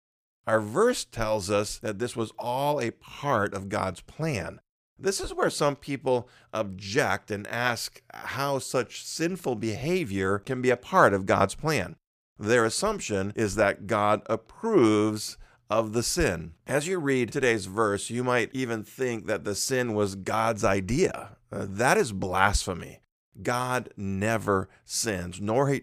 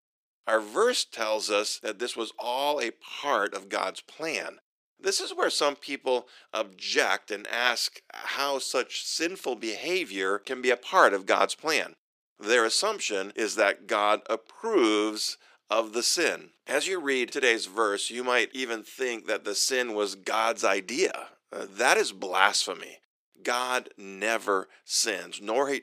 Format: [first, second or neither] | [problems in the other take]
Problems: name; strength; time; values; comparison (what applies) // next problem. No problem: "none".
first | thin; somewhat; fading below 300 Hz